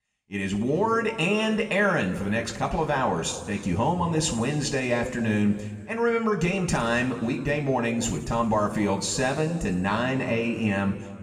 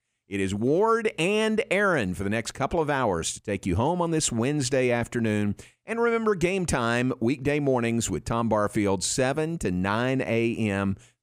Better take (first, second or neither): second